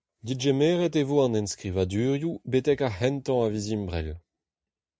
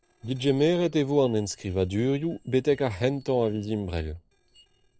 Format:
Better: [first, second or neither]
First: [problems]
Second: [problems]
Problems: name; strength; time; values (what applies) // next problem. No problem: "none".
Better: first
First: none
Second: noise reduction (neural separator model SepFormer DNS4)